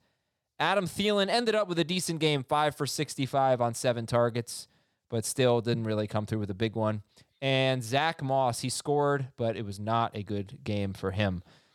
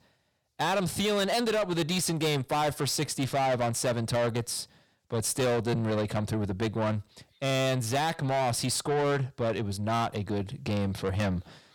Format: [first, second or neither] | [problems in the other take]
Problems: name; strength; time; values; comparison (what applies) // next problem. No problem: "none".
first | distortion; heavy; 7 dB below the speech